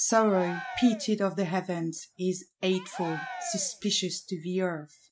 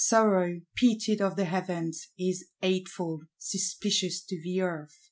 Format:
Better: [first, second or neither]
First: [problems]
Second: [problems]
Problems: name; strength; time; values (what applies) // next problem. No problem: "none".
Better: second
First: background sound (Cheering); 13 dB below the speech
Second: none